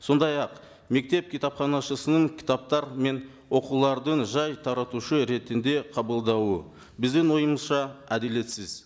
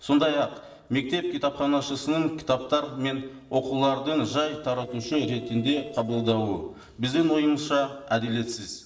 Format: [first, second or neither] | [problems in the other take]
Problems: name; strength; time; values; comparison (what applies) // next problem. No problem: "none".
first | noise reduction (neural separator model SepFormer DNS4)